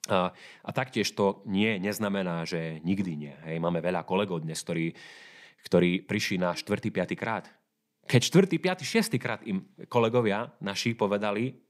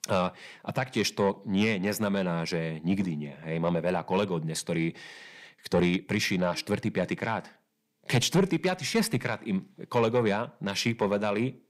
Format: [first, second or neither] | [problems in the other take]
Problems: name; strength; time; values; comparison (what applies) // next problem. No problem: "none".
first | distortion; slight; 10 dB below the speech